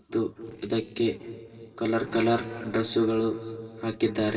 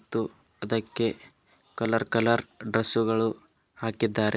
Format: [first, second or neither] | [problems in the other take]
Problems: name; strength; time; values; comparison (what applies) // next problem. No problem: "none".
second | noise reduction (neural separator model SepFormer DNS4)